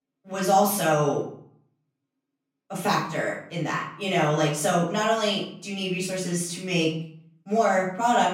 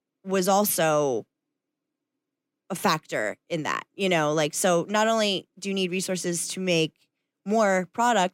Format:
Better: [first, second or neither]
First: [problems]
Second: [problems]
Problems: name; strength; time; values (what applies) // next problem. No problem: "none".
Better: second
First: off-mic speech; far // room echo; noticeable; dies away in 0.5 s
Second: none